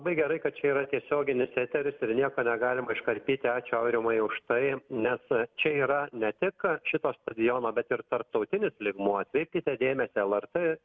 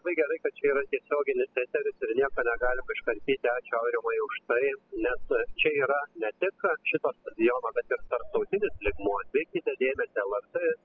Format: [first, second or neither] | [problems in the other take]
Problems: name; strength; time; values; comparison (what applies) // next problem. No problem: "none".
first | noise reduction (classical method spectral subtraction)